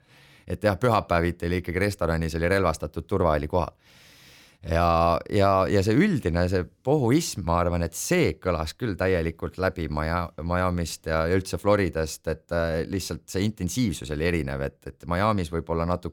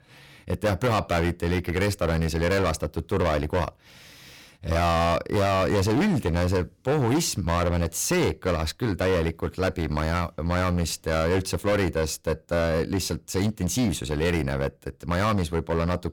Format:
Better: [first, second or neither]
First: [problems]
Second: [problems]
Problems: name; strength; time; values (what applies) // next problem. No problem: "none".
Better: first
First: none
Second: distortion; heavy; 15% of the sound clipped